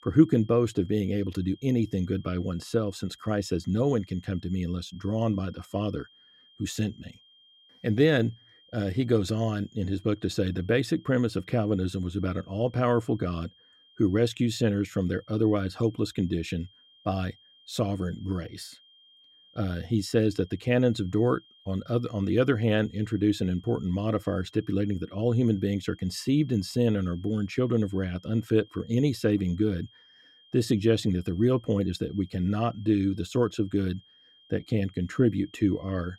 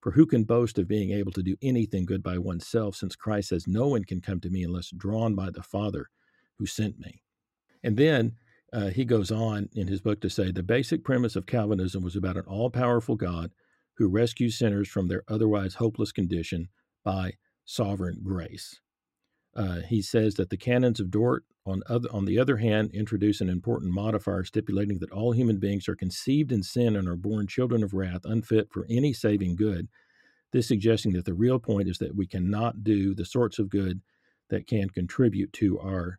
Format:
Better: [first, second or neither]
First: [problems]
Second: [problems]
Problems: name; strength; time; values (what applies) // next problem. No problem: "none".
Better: second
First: high-pitched whine; faint; throughout; 3 kHz, 30 dB below the speech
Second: none